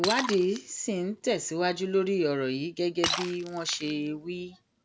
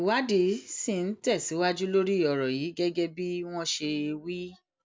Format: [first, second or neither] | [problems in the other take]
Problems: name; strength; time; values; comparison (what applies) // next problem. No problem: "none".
second | background sound (Shatter); 9 dB below the speech